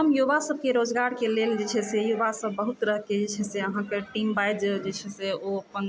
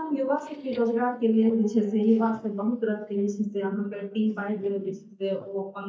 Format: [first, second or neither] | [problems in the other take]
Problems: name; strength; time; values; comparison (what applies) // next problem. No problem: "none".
first | noise reduction (neural mask model DeepFilterNet 3)